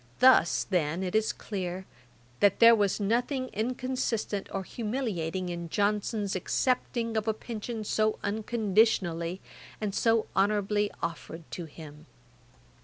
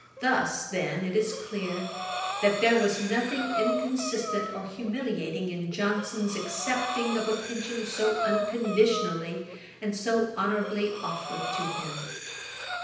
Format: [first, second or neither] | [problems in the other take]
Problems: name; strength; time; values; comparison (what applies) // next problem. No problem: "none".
first | background sound (Breathing); 6 dB below the speech // room echo; dies away in 0.9 s